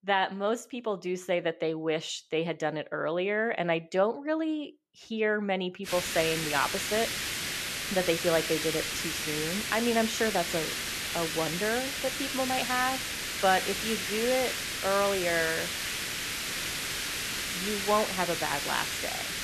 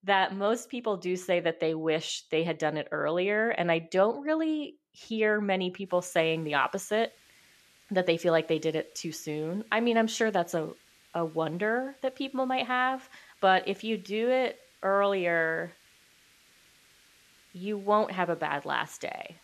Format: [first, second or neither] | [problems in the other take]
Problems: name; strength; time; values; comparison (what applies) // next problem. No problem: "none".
second | hiss; loud; from 6 s on; 1 dB below the speech; faint in the second